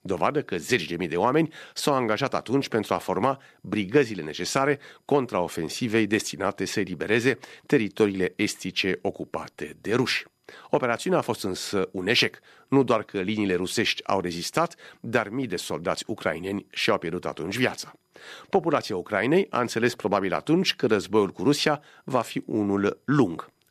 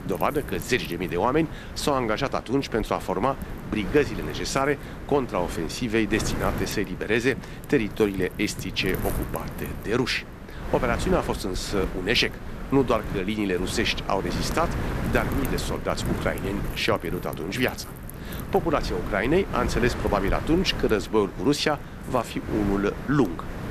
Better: first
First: none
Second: wind noise on the microphone; occasional gusts; 10 dB below the speech

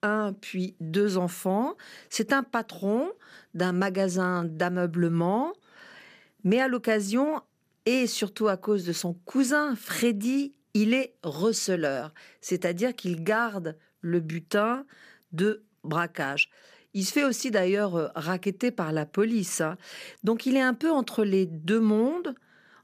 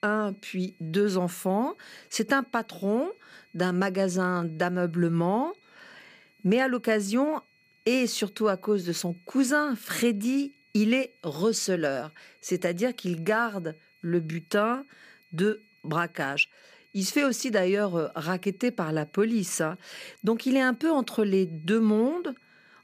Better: first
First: none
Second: high-pitched whine; faint; throughout; 2.5 kHz, 35 dB below the speech

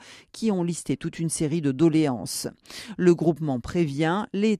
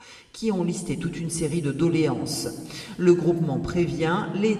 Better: first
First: none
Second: room echo; slight; dies away in 1.6 s

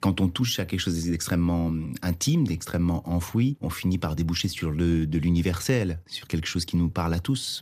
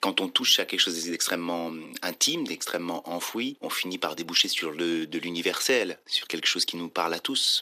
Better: first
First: none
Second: thin; very; fading below 350 Hz

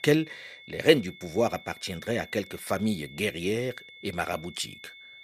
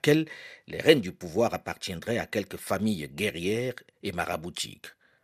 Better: second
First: high-pitched whine; noticeable; throughout; 2 kHz, 20 dB below the speech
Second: none

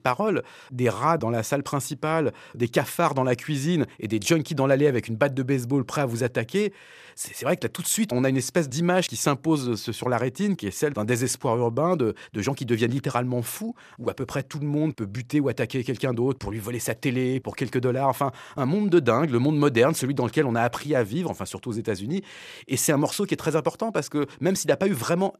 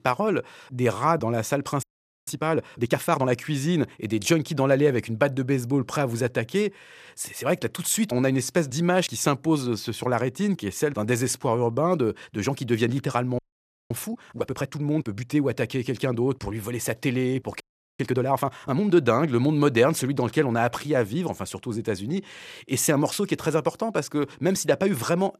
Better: first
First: none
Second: audio freezing; at 2 s, at 13 s for 0.5 s and at 18 s

